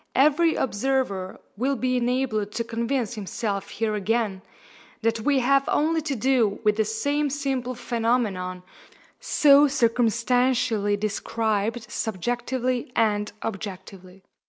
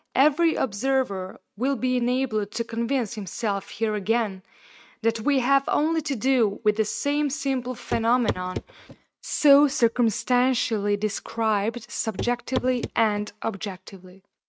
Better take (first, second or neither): first